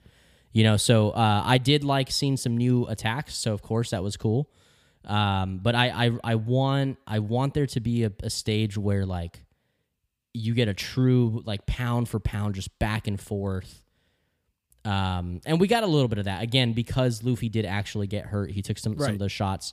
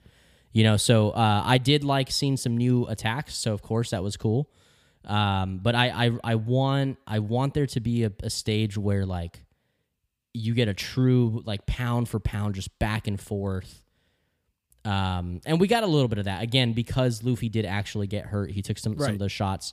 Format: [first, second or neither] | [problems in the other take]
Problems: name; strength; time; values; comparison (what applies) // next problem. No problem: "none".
neither | none